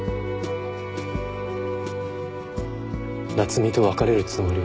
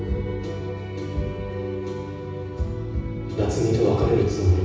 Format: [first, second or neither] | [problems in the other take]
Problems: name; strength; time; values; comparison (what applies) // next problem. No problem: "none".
first | room echo; dies away in 1.1 s